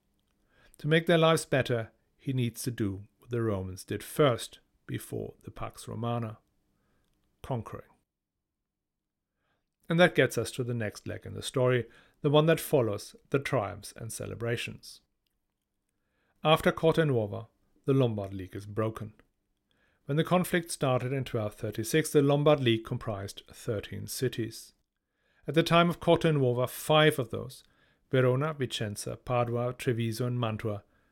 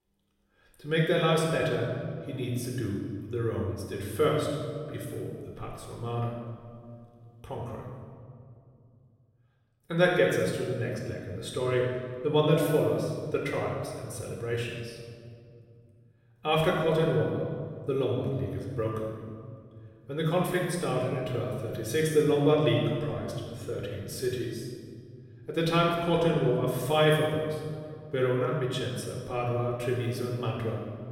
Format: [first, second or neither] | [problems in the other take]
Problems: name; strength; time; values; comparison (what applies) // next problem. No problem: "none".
first | room echo; noticeable; dies away in 1.7 s // off-mic speech; somewhat distant